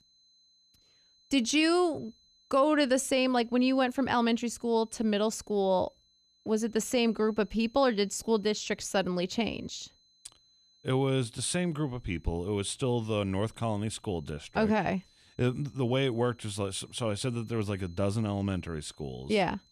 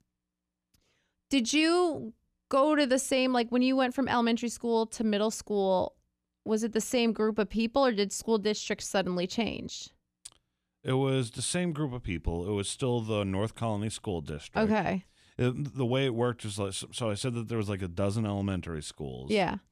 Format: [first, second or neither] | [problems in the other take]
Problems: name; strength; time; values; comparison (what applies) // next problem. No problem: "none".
second | high-pitched whine; faint; throughout; 4 kHz, 35 dB below the speech